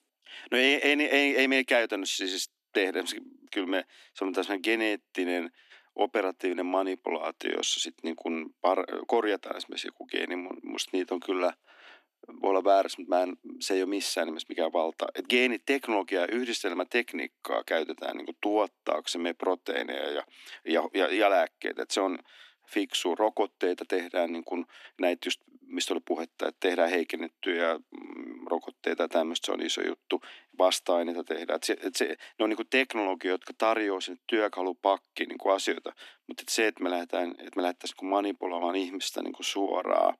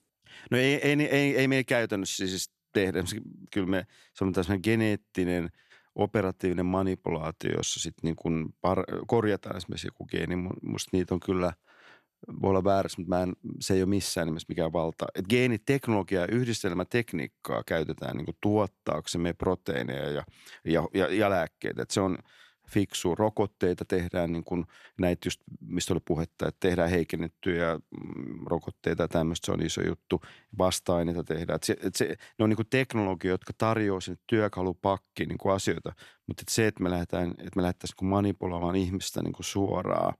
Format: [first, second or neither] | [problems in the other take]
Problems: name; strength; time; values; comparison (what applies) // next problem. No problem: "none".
second | thin; somewhat; fading below 250 Hz